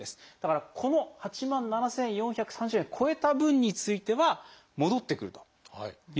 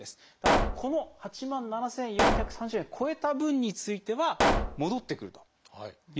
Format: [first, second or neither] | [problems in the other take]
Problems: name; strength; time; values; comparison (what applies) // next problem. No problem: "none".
first | background sound (Explosion); 3 dB above the speech